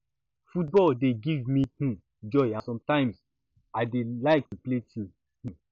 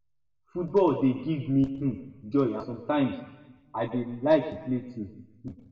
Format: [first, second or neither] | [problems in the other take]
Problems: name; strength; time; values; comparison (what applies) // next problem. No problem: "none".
first | room echo; dies away in 1 s